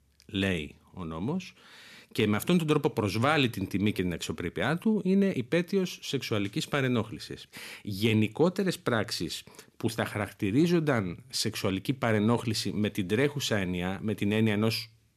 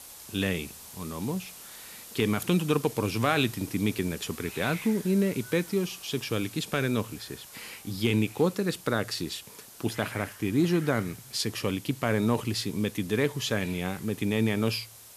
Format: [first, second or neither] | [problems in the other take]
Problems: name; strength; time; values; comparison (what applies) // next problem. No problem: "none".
first | hiss; noticeable; throughout; 15 dB below the speech